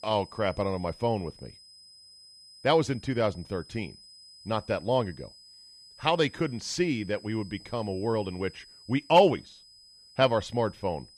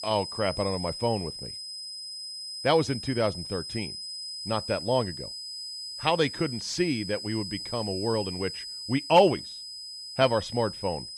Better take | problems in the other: first | high-pitched whine; loud; throughout; 5 kHz, 8 dB below the speech; faint in the first

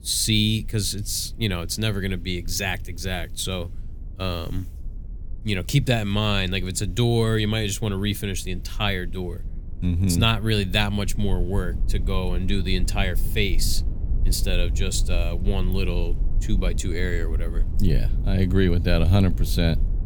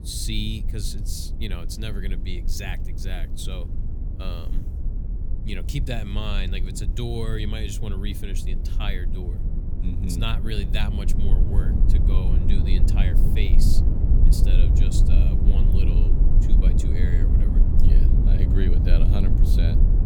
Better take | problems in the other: first | low rumble; loud; throughout; 4 dB below the speech; faint in the first

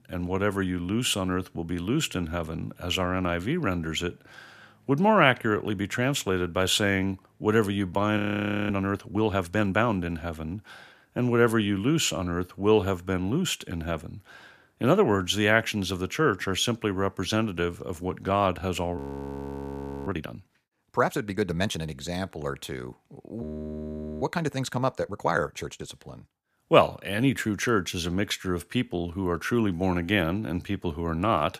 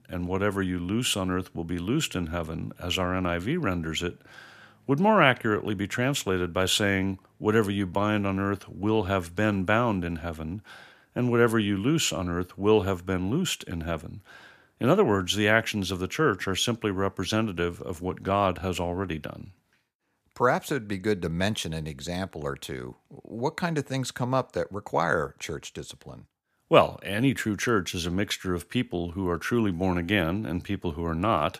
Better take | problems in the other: second | audio freezing; at 8 s for 0.5 s, at 19 s for 1 s and at 23 s for 1 s

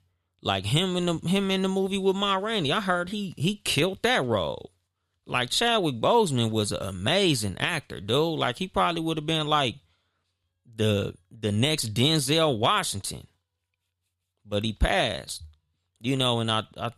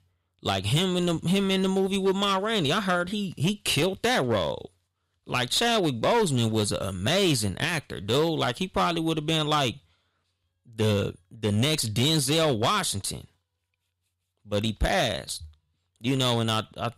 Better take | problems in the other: first | distortion; slight; 6% of the sound clipped

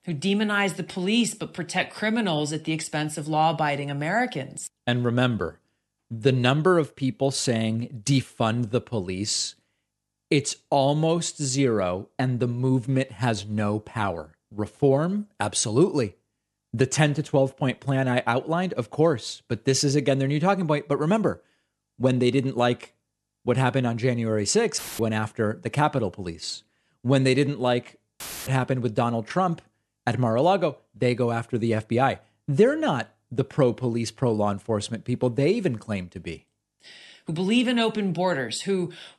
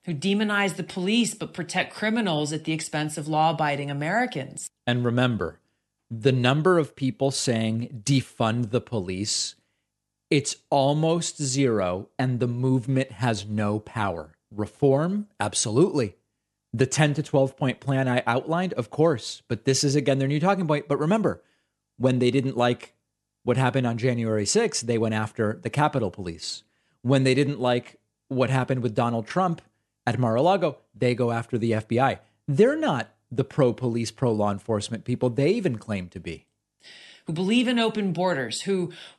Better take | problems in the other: second | audio cutting out; filled with static; at 25 s and at 28 s

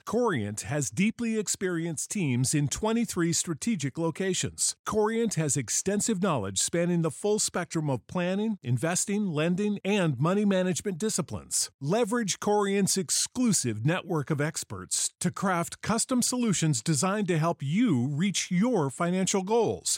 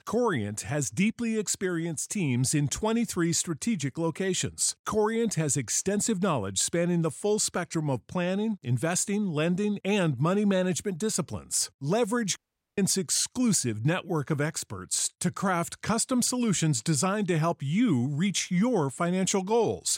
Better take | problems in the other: first | audio cutting out; at 12 s

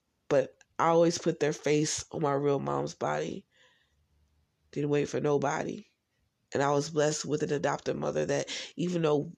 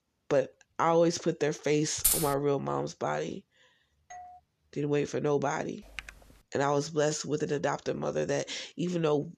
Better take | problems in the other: first | jangling keys; loud; at 2 s; peak 4 dB above the speech // doorbell; faint; at 4 s; peak 20 dB below the speech // keyboard typing; faint; at 6 s; peak 15 dB below the speech

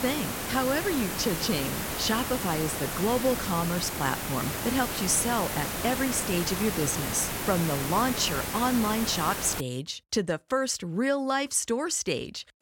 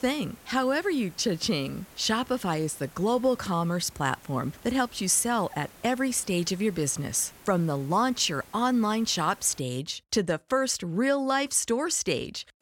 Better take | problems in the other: second | hiss; loud; until 9.5 s; 3 dB below the speech; faint in the second

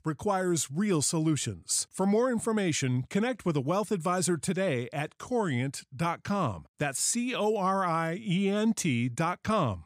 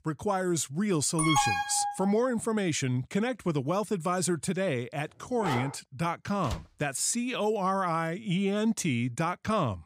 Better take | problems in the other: first | alarm; loud; at 1 s; peak 3 dB above the speech // dog barking; noticeable; at 5.5 s; peak 5 dB below the speech // door banging; faint; at 6.5 s; peak 10 dB below the speech

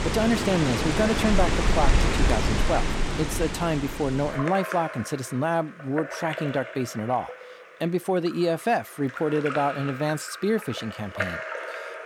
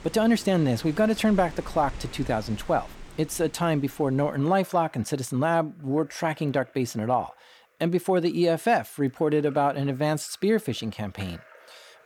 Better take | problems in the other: second | rain or running water; loud; throughout; 2 dB below the speech; faint in the second

